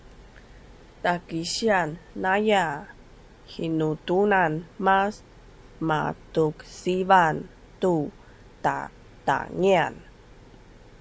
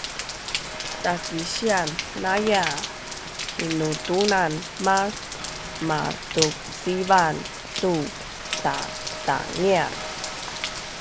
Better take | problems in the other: first | background sound (Rain); 6 dB below the speech

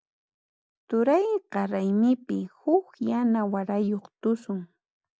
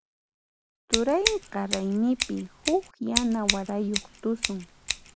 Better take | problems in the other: first | background sound (Scissors); 3 dB below the speech

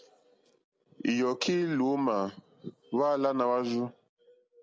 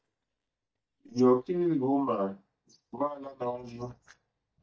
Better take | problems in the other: first | noise reduction (neural mask model DeepFilterNet 3)

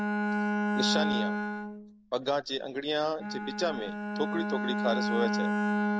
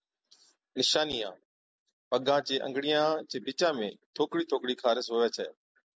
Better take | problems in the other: second | background sound (Bowed string instrument); 3 dB above the speech

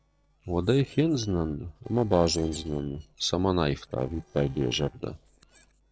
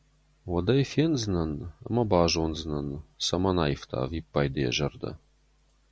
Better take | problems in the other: second | noise reduction (neural separator model SepFormer DNS4)

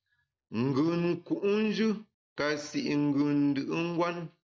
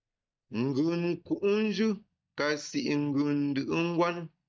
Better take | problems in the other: first | noise reduction (neural mask model DeepFilterNet 3)

